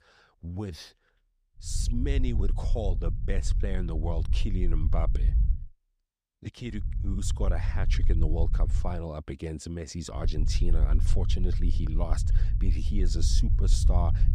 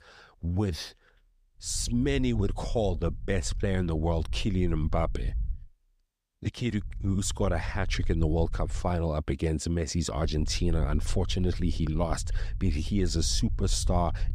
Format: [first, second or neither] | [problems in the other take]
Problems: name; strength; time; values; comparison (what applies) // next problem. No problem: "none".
second | low rumble; loud; from 1.5 to 5.5 s, from 7 to 9 s and from 10 s on; 9 dB below the speech; faint in the second